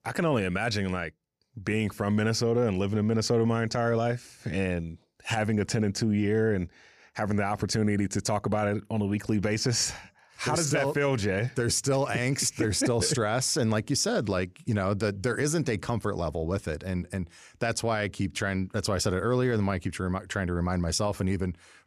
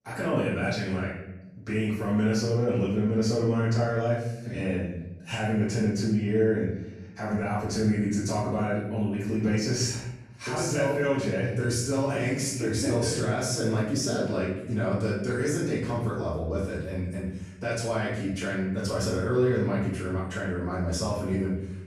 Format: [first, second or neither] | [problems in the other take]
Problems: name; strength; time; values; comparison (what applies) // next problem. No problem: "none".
first | room echo; noticeable; dies away in 0.8 s // off-mic speech; far